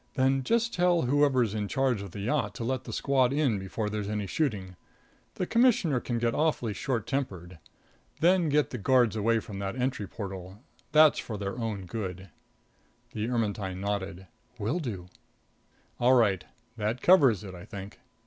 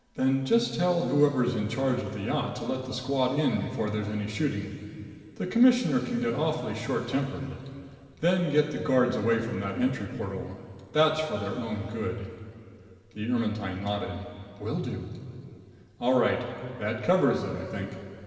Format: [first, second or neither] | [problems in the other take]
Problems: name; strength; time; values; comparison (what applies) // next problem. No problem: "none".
first | room echo; dies away in 2.7 s